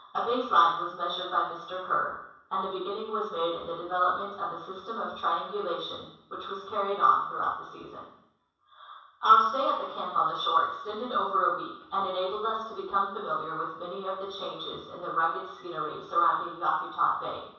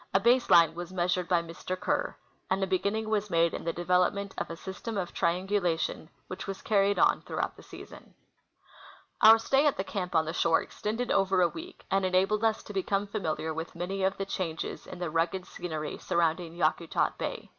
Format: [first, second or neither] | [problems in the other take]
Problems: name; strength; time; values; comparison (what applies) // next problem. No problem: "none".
second | room echo; dies away in 0.7 s